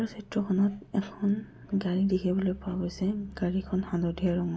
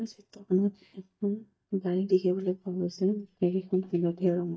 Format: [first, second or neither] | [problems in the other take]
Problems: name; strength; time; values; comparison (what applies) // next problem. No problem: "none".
first | noise reduction (neural mask model DeepFilterNet 3)